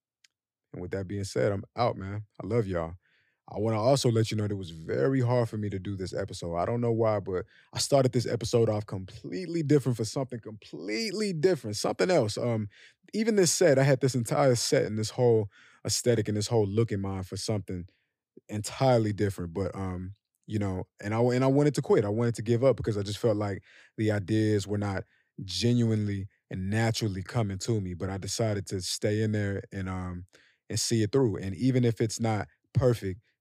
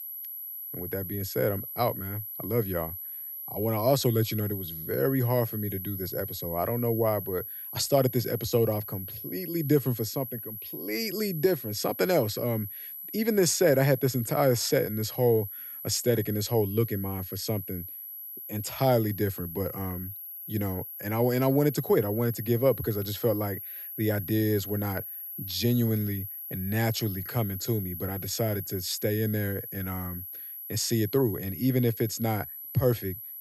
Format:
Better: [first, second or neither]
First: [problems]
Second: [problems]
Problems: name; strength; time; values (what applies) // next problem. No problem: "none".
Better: first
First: none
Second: high-pitched whine; loud; throughout; 12 kHz, 8 dB below the speech